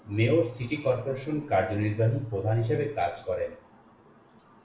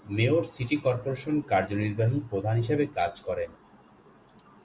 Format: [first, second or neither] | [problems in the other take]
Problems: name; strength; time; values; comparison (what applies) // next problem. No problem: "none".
second | room echo; dies away in 0.6 s